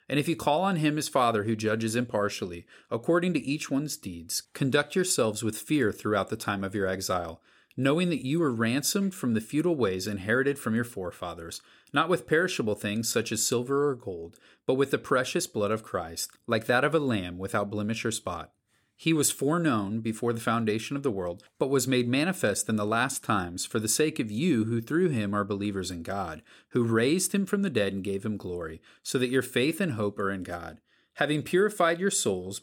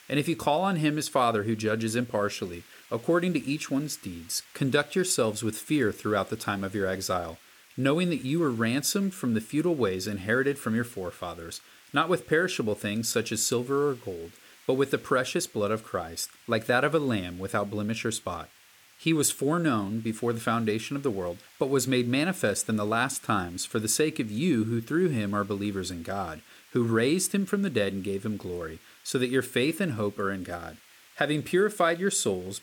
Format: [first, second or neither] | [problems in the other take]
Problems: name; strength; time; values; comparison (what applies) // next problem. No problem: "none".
first | hiss; faint; throughout; 25 dB below the speech